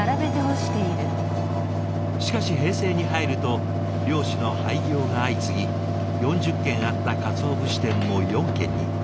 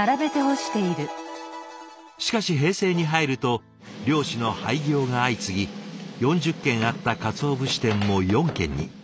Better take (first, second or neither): second